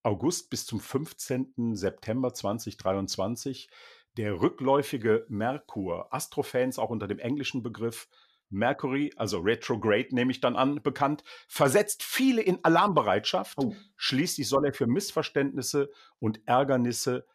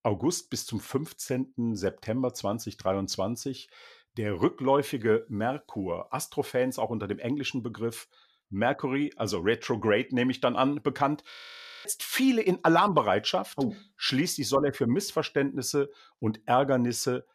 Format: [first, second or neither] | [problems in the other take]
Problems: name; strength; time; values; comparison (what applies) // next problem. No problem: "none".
first | audio freezing; at 11 s for 0.5 s